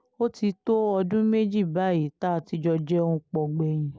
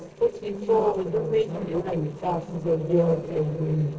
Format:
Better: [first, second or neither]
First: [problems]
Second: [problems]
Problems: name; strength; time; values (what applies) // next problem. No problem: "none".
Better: first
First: none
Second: noise reduction (neural separator model SepFormer DNS4)